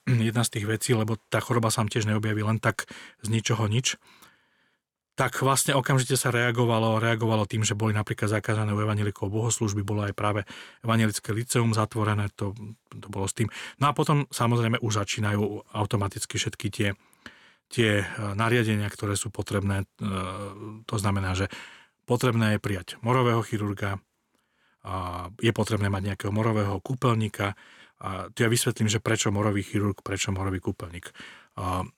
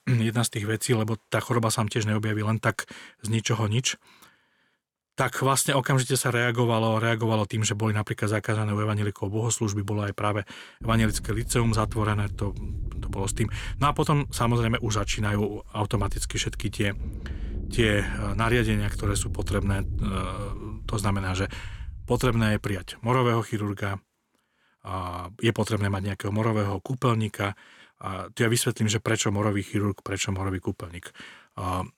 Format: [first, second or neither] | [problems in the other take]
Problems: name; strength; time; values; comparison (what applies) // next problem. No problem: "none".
first | low rumble; faint; from 11 to 23 s; 20 dB below the speech